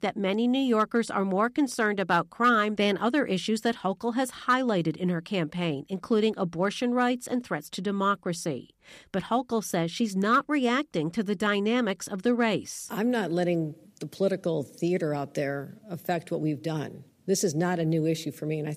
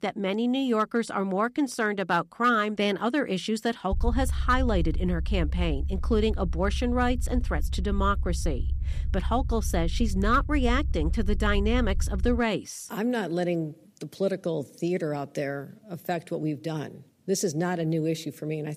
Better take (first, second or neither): first